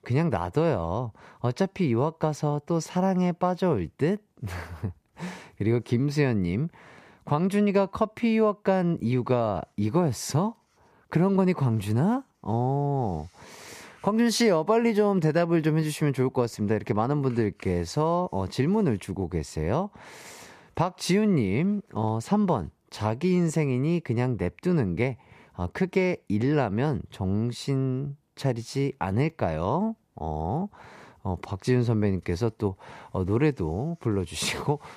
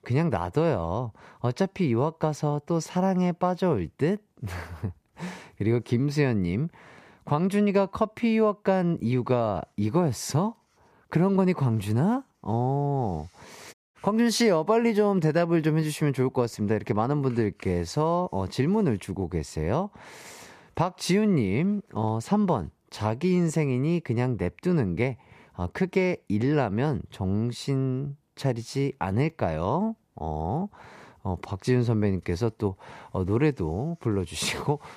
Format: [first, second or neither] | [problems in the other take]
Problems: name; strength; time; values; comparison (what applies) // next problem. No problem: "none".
first | audio cutting out; at 14 s